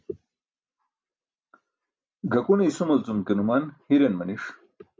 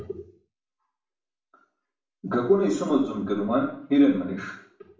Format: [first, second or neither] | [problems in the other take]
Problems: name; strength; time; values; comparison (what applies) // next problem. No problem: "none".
first | room echo; dies away in 0.5 s